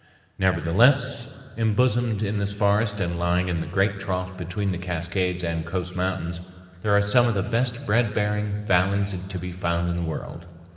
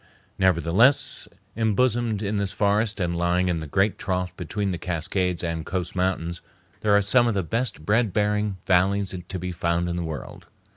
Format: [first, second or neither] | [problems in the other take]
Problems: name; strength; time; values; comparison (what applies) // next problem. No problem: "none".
second | room echo; dies away in 3 s